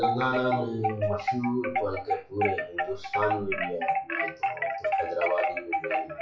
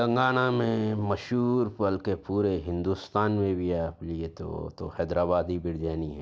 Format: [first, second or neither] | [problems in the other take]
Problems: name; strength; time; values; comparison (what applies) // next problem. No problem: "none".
second | noise reduction (classical method WPE with log-MMSE)